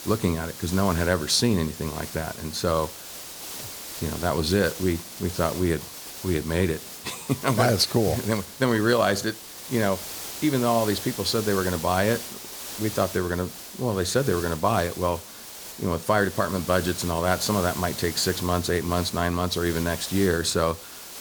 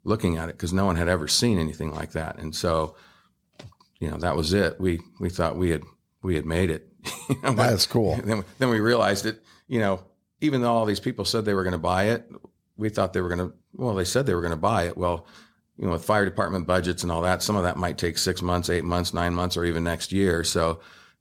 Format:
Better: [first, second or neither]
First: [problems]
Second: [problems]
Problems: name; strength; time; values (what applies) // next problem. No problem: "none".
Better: second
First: hiss; noticeable; throughout; 10 dB below the speech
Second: none